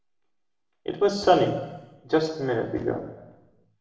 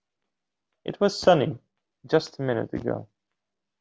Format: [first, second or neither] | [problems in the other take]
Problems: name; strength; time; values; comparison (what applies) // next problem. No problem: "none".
second | room echo; dies away in 0.9 s